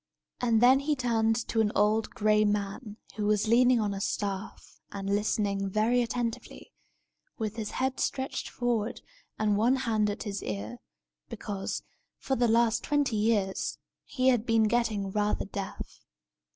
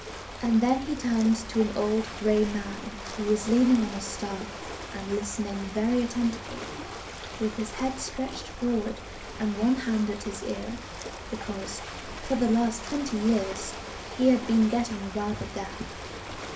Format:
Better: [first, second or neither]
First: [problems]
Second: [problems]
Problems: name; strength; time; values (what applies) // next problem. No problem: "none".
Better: first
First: none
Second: background sound (Ocean); 10 dB below the speech // room echo; dies away in 0.3 s